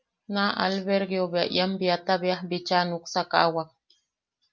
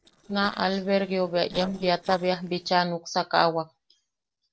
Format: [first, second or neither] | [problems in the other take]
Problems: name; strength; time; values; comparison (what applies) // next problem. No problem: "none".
first | noise reduction (neural separator model SepFormer DNS4)